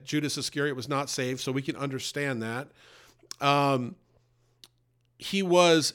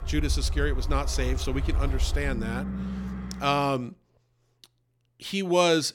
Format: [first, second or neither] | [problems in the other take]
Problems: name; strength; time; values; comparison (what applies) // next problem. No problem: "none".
first | traffic noise; very faint; until 3 s; 3 dB below the speech